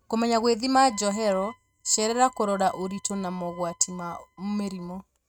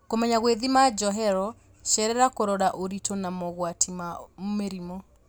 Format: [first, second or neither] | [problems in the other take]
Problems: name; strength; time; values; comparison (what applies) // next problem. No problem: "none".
second | noise reduction (neural mask model RNNoise)